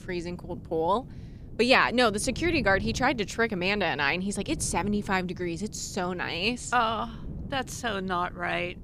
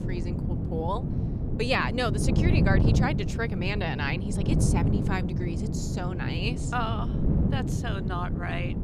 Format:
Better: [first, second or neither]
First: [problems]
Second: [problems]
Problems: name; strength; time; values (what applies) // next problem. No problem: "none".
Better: first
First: wind noise on the microphone; occasional gusts; 25 dB below the speech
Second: wind noise on the microphone; heavy; 5 dB below the speech